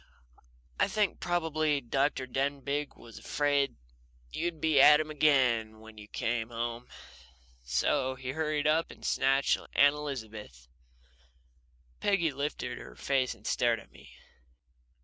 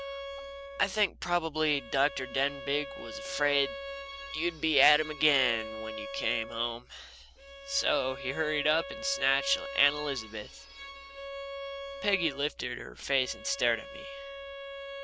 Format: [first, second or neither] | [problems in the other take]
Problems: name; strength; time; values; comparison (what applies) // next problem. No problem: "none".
first | background sound (Bowed string instrument); 10 dB below the speech